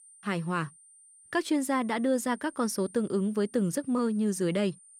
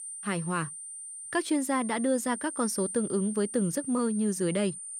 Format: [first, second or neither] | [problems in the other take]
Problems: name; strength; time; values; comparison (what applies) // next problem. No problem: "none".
first | high-pitched whine; loud; throughout; 9 kHz, 8 dB below the speech; faint in the first